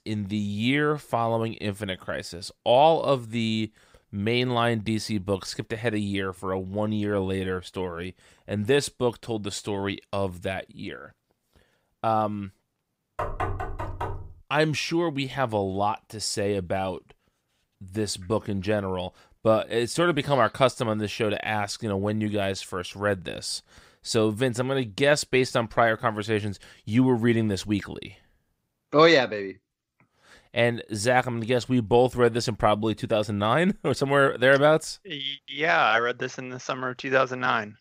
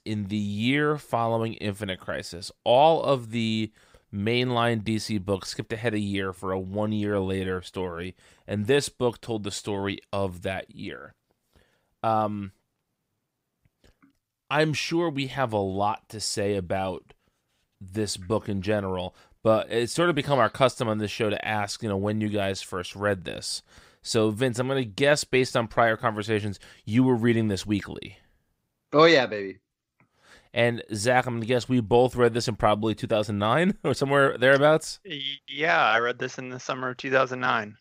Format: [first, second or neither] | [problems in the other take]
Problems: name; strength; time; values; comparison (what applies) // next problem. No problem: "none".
second | door banging; noticeable; from 13 to 14 s; peak 5 dB below the speech